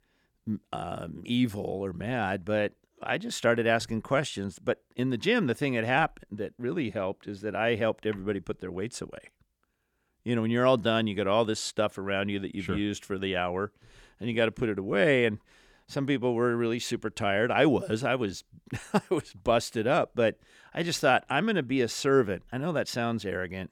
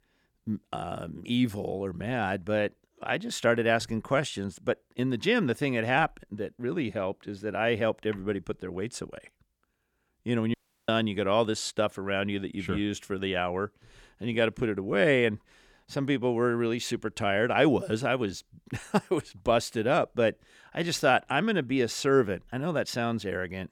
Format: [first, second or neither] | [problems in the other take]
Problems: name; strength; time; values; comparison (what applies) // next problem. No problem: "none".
first | audio cutting out; at 11 s